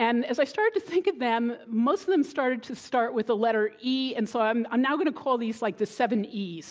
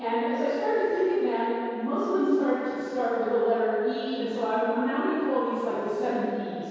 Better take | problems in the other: first | room echo; dies away in 2.2 s

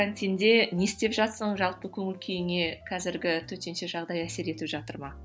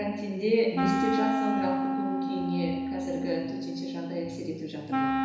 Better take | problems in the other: first | background sound (Wind instrument, woodwind instrument); 1 dB above the speech // room echo; dies away in 1 s

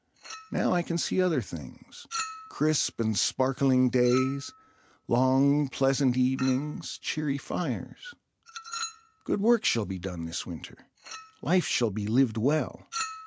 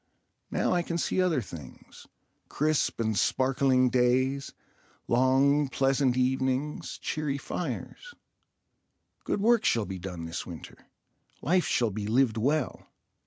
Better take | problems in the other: second | background sound (Chink, clink); 16 dB below the speech

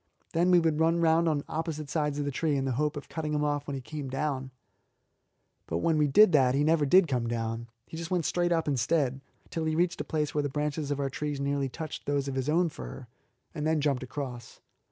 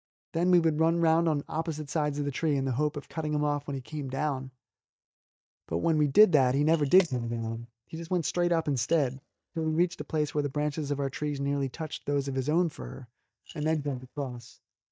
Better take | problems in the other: first | noise reduction (neural mask model DeepFilterNet 3)

